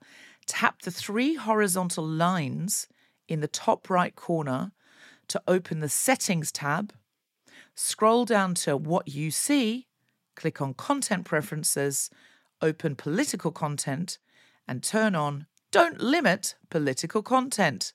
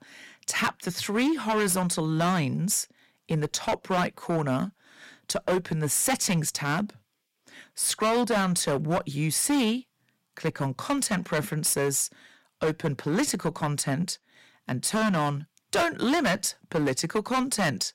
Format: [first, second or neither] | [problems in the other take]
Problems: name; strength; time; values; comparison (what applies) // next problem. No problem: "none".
first | distortion; heavy; 10% of the sound clipped